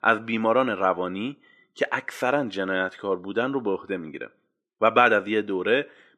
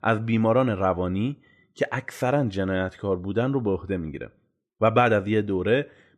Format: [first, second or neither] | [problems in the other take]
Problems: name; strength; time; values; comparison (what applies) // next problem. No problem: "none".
second | thin; very slightly; fading below 300 Hz